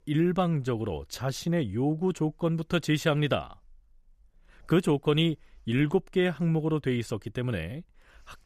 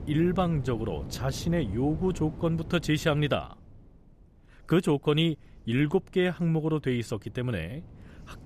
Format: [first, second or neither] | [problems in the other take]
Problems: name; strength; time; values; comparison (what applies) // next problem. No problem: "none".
first | wind noise on the microphone; occasional gusts; 20 dB below the speech